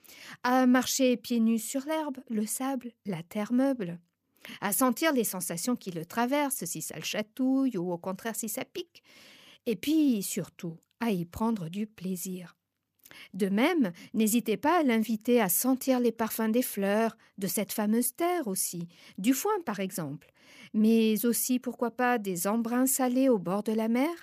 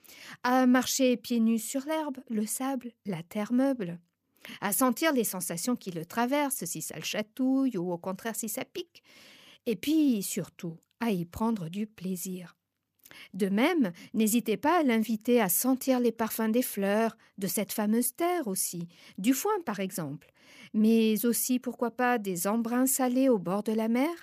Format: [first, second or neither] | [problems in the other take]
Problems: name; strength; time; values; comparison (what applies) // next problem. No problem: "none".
neither | none